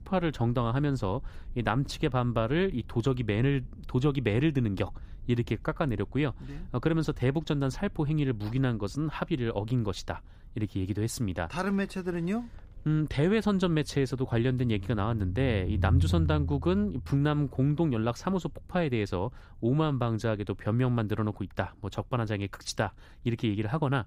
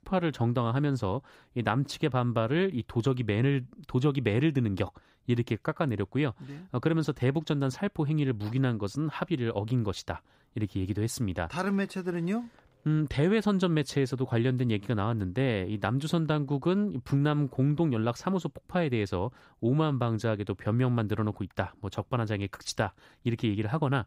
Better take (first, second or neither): second